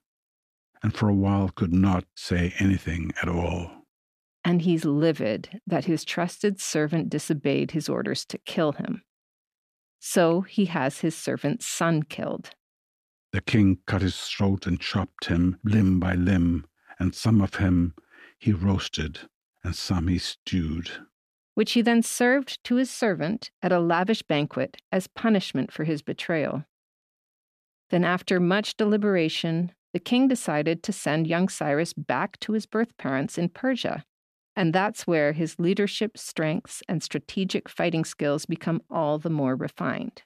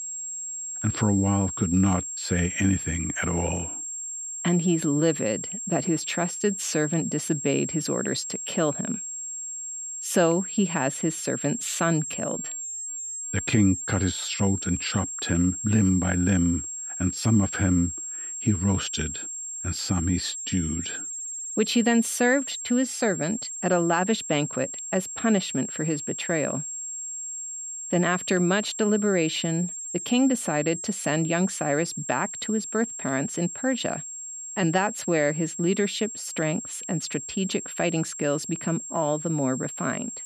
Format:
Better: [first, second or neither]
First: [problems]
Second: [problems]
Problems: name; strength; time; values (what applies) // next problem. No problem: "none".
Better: first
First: none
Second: high-pitched whine; loud; throughout; 7.5 kHz, 6 dB below the speech